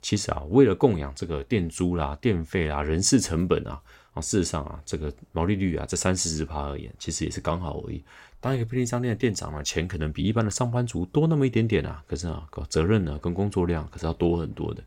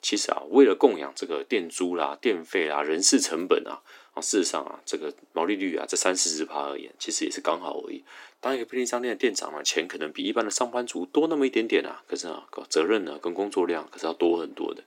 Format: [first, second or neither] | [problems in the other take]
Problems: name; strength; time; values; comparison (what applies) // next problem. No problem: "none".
first | thin; somewhat; fading below 300 Hz